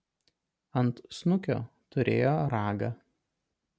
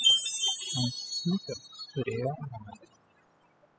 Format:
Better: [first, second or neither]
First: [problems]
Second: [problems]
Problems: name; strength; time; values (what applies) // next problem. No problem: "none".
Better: first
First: none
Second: noise reduction (classical method spectral subtraction)